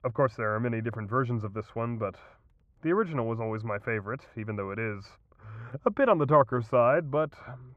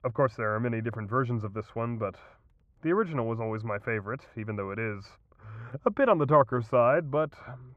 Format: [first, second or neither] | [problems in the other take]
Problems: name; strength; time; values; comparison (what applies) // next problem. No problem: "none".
neither | muffled; very; fading above 3.5 kHz; the same in both